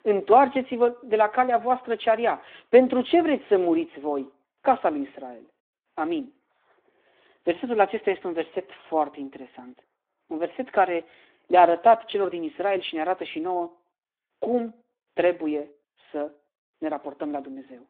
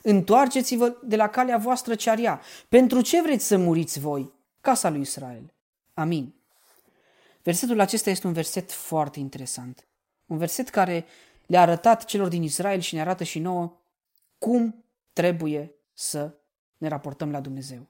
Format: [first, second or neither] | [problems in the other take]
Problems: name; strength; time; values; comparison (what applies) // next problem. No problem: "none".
second | phone-call audio